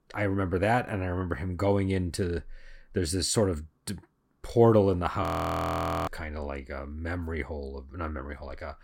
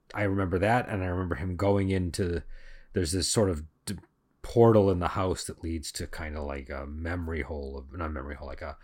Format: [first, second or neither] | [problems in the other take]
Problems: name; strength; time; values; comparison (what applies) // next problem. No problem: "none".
second | audio freezing; at 5 s for 1 s